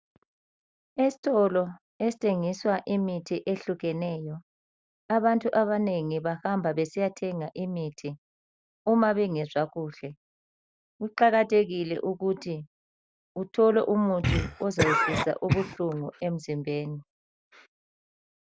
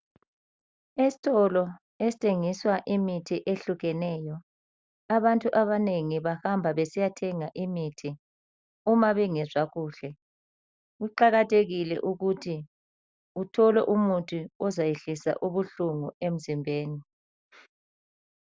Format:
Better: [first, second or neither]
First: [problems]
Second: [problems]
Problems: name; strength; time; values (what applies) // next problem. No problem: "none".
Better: second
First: background sound (Cough); 2 dB below the speech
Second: none